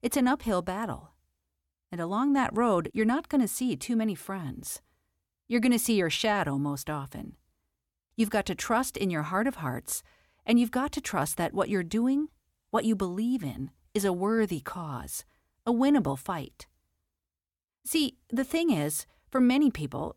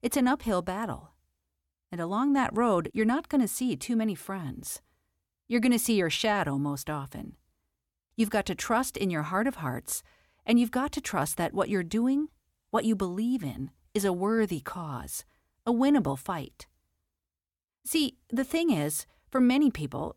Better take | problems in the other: neither | none

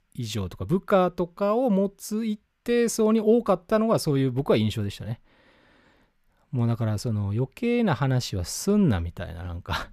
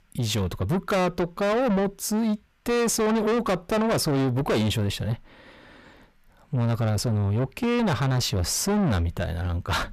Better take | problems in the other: first | distortion; heavy; 6 dB below the speech

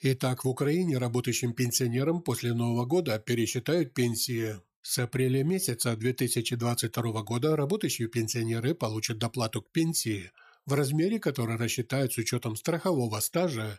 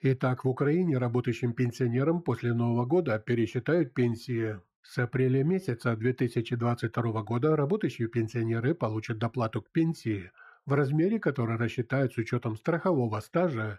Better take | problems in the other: first | muffled; very; fading above 4 kHz

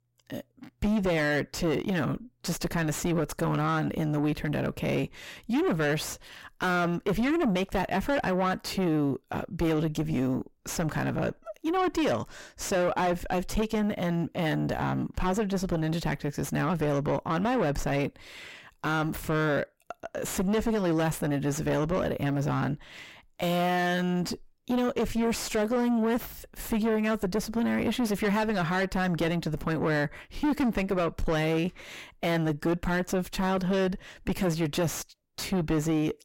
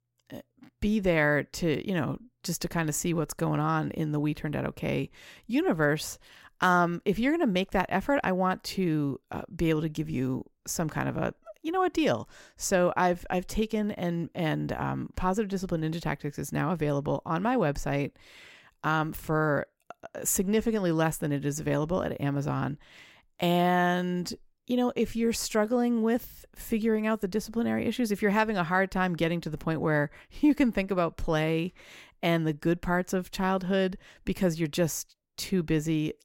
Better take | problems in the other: second | distortion; heavy; 5 dB below the speech

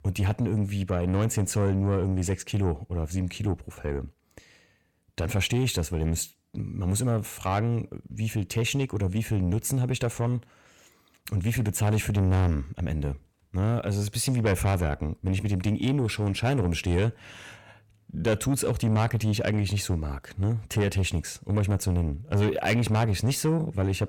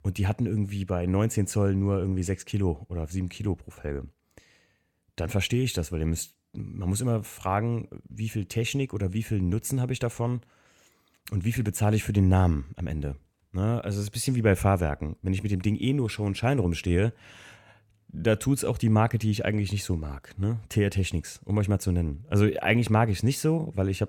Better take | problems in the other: second | distortion; slight; 10 dB below the speech

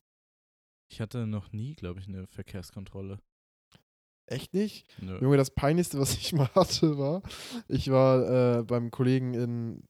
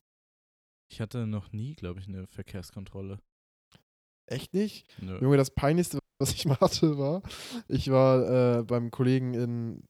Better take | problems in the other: first | audio freezing; at 6 s

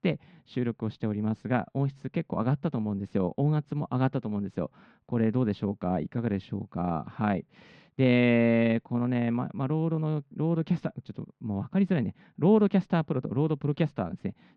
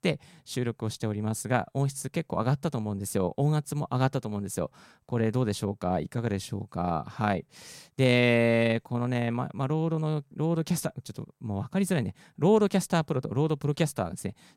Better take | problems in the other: second | muffled; slightly; fading above 3.5 kHz

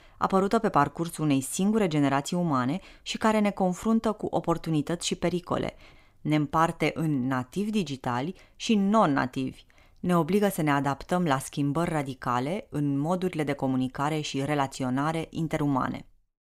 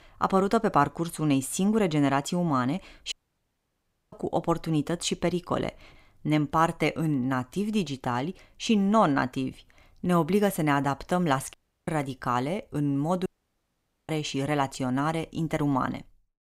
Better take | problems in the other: first | audio cutting out; at 3 s for 1 s, at 12 s and at 13 s for 1 s

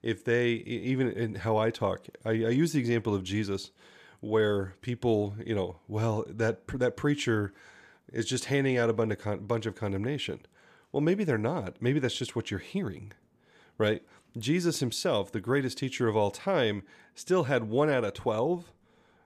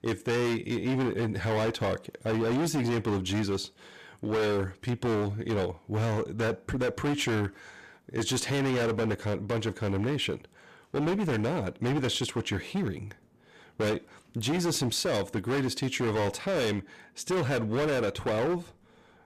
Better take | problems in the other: first | distortion; heavy; 22% of the sound clipped

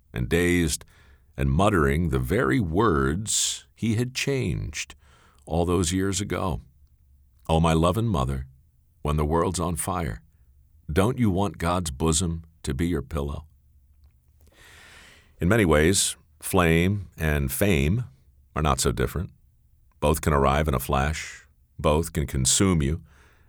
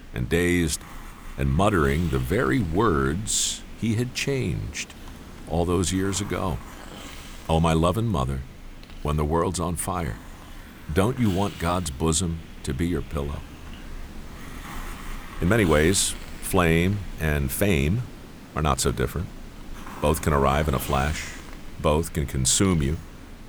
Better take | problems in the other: first | hiss; noticeable; throughout; 15 dB below the speech

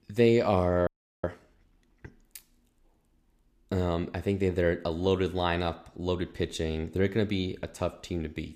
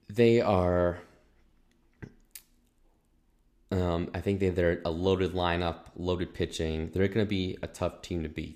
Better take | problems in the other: second | audio freezing; at 1 s

